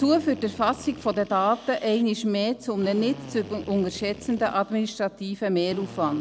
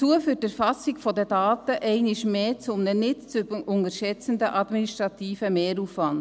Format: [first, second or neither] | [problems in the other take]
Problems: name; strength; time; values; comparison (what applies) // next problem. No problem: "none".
second | background sound (Drill); 18 dB below the speech